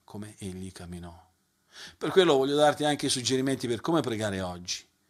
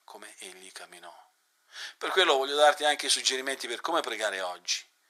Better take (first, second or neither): first